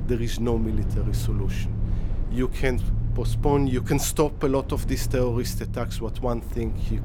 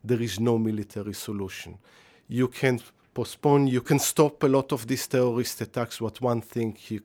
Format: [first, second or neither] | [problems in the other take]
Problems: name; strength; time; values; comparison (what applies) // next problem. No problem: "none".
second | low rumble; noticeable; throughout; 15 dB below the speech